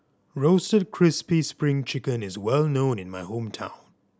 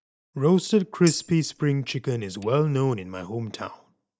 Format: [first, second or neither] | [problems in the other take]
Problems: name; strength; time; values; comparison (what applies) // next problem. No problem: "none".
first | noise reduction (neural mask model DeepFilterNet 3)